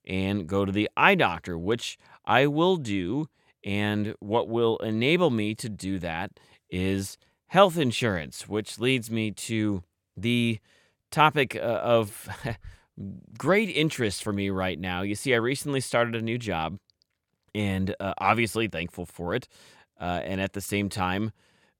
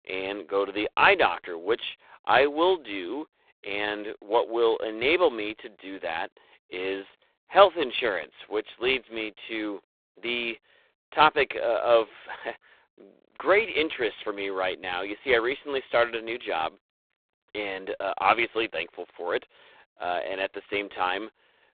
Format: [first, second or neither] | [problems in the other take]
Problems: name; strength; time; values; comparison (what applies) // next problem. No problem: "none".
first | phone-call audio; poor line; nothing above 3.5 kHz